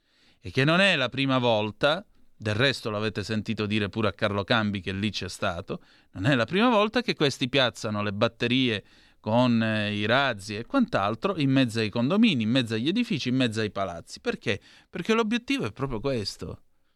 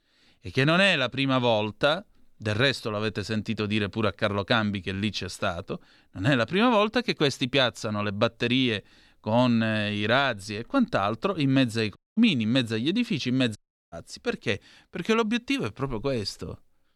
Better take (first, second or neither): first